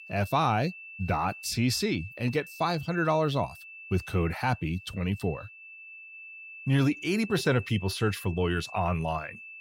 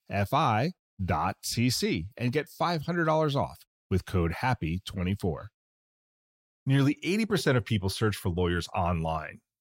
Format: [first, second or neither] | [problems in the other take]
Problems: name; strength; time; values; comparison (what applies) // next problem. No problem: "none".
second | high-pitched whine; noticeable; throughout; 2.5 kHz, 15 dB below the speech